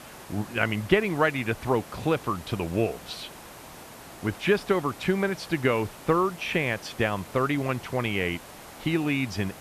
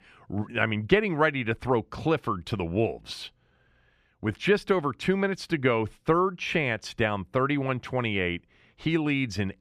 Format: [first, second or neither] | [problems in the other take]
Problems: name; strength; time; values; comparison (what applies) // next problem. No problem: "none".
second | hiss; noticeable; throughout; 15 dB below the speech